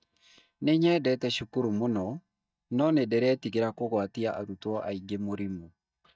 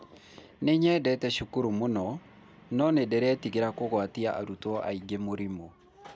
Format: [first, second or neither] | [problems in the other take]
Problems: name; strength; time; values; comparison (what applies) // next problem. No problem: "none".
second | noise reduction (neural mask model DeepFilterNet 3)